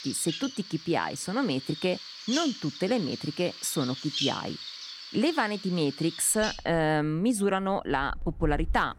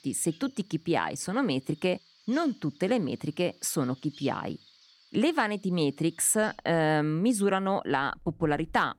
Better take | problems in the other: second | animal sounds; loud; throughout; 8 dB below the speech; faint in the second

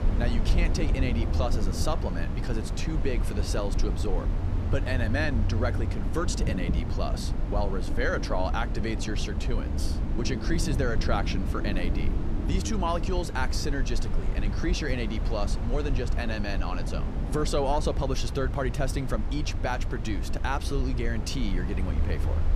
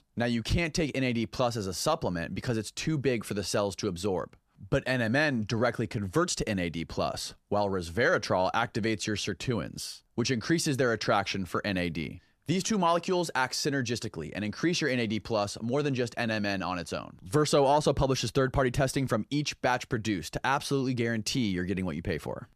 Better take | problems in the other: second | low rumble; loud; throughout; 8 dB below the speech

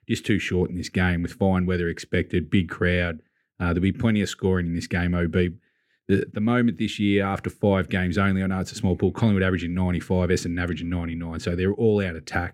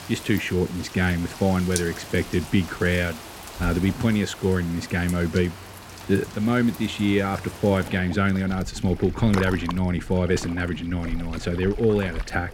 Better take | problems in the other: first | rain or running water; noticeable; throughout; 15 dB below the speech

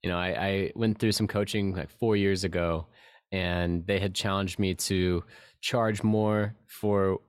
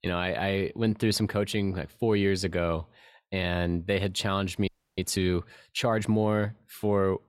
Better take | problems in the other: first | audio freezing; at 4.5 s

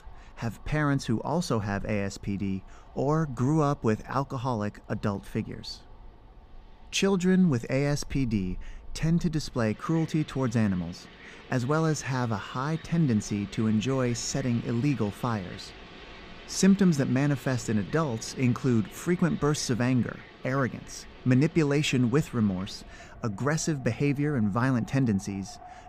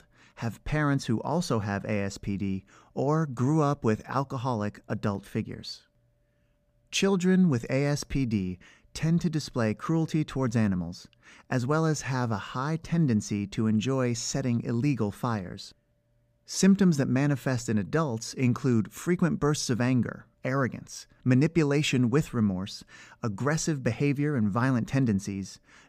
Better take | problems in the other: second | wind in the background; faint; throughout; 20 dB below the speech

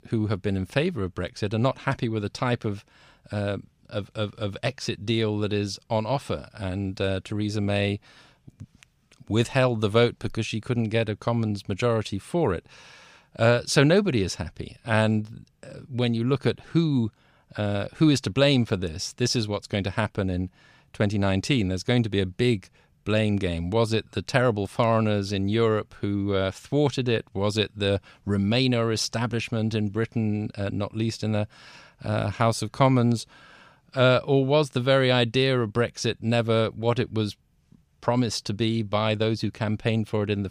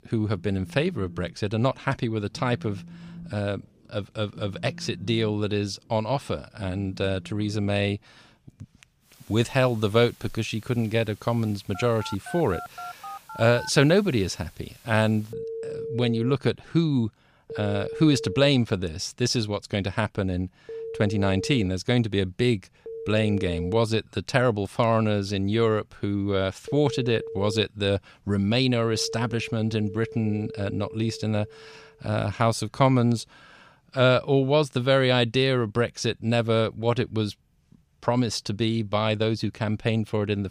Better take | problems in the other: first | alarms or sirens; noticeable; until 32 s; 15 dB below the speech

